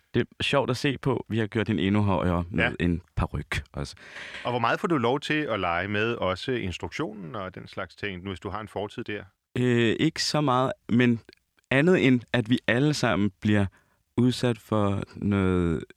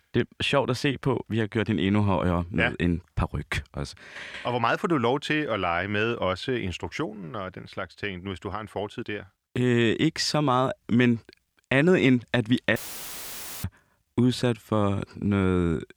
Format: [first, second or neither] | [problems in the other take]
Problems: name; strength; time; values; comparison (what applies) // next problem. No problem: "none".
first | audio cutting out; filled with static; at 13 s for 1 s